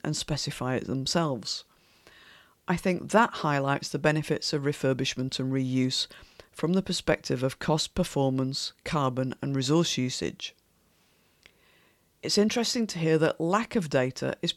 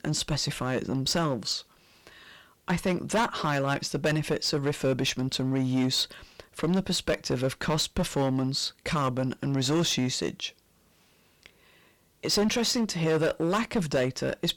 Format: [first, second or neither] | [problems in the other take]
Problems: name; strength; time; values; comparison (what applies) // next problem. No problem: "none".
first | distortion; heavy; 8% of the sound clipped